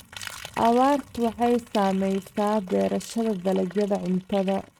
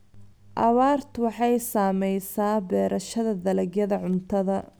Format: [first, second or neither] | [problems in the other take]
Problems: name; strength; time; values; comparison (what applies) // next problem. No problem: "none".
second | noise reduction (neural mask model RNNoise)